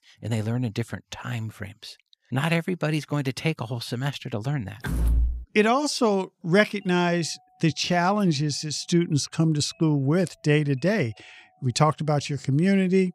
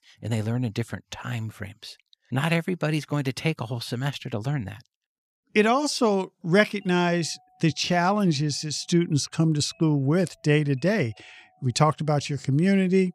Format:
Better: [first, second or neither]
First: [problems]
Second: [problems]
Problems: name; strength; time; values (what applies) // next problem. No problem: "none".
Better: second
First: door banging; noticeable; at 5 s; peak level with the speech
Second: none